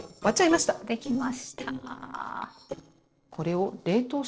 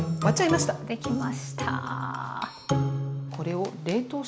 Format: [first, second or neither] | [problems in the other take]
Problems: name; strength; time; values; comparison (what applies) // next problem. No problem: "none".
second | noise reduction (neural separator model SepFormer DNS4)